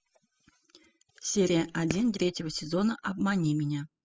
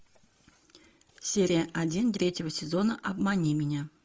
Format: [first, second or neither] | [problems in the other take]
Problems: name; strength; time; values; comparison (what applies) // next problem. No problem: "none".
second | noise reduction (classical method spectral subtraction)